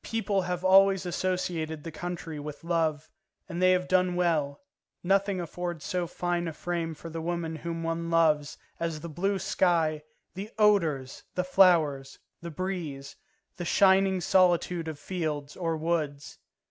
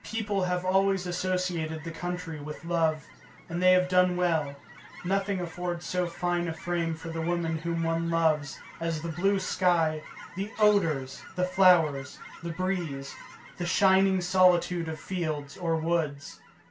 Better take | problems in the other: first | background sound (Chirp, tweet / Fowl); 19 dB below the speech // room echo; dies away in 0.2 s

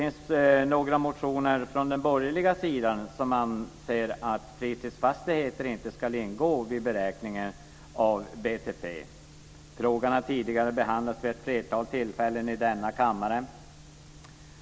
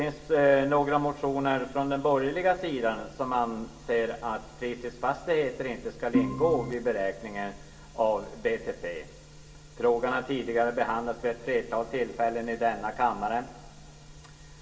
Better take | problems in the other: first | background sound (Organ); 2 dB below the speech // room echo; dies away in 2.4 s

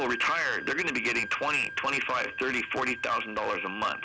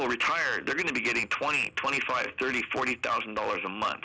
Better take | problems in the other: second | background sound (Wind instrument, woodwind instrument); 12 dB below the speech

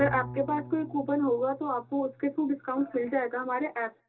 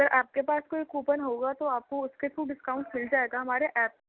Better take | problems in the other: second | background sound (Bowed string instrument); 15 dB below the speech // room echo; dies away in 0.2 s

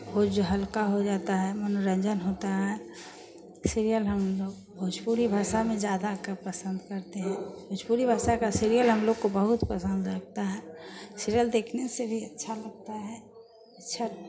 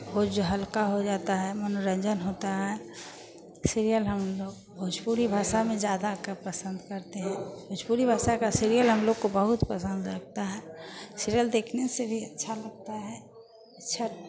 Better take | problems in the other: second | room echo; dies away in 0.3 s

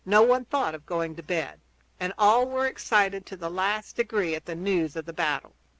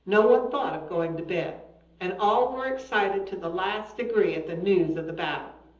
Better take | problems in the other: first | room echo; dies away in 1.2 s

